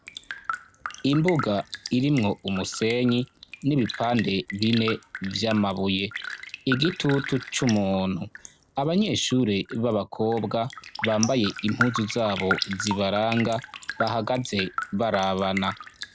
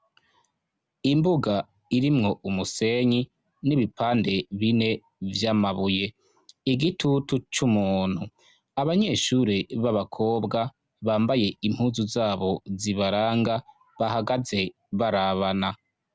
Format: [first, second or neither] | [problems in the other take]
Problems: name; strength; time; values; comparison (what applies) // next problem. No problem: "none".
second | background sound (Raindrop); 10 dB below the speech